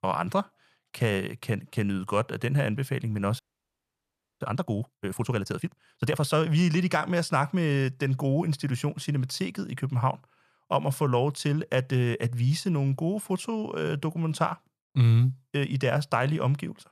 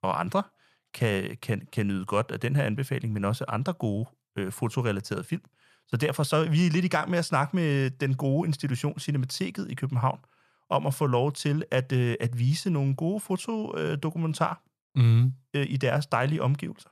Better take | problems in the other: second | audio freezing; at 3.5 s for 1 s

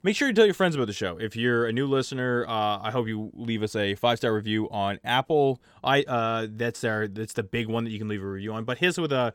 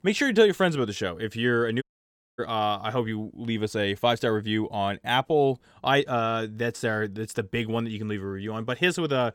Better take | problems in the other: first | audio cutting out; at 2 s for 0.5 s

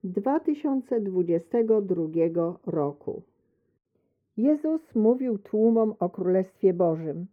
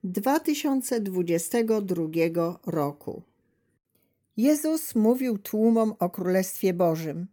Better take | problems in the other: second | muffled; very; fading above 3 kHz

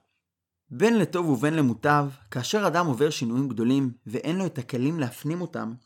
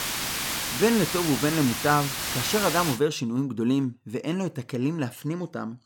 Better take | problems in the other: first | hiss; loud; until 3 s; 2 dB below the speech

